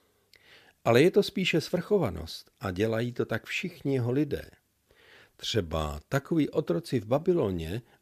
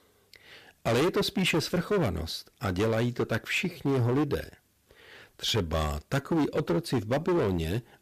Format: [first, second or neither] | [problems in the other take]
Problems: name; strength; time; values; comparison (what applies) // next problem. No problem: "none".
first | distortion; heavy; 14% of the sound clipped